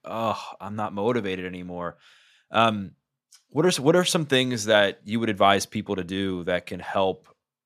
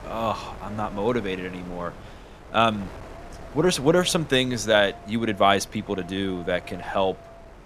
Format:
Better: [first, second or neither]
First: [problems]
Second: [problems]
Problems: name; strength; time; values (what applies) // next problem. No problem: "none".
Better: first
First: none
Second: wind noise on the microphone; occasional gusts; 20 dB below the speech